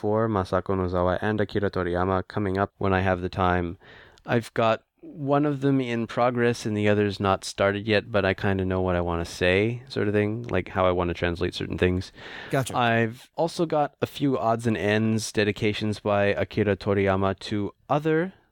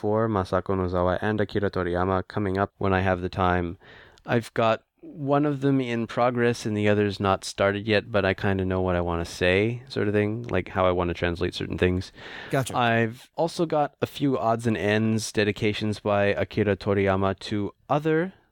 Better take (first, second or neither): neither